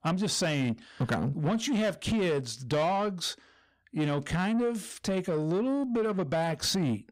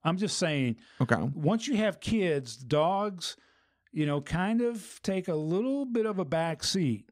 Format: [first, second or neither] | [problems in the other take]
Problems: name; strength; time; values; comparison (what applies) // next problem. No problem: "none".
second | distortion; slight; 10 dB below the speech